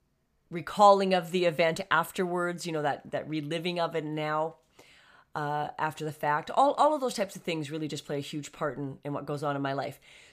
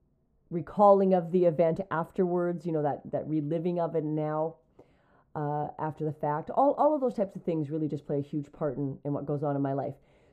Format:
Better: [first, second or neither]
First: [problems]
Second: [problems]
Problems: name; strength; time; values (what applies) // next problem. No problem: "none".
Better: first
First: none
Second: muffled; very; fading above 1.5 kHz